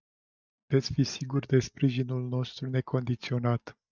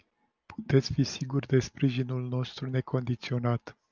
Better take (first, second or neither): second